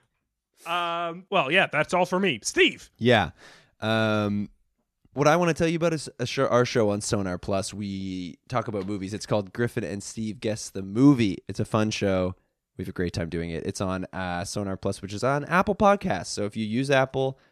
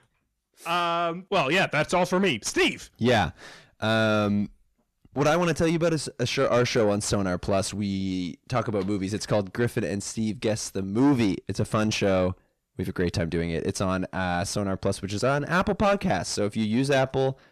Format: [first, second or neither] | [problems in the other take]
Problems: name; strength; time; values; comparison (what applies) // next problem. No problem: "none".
first | distortion; heavy; 7 dB below the speech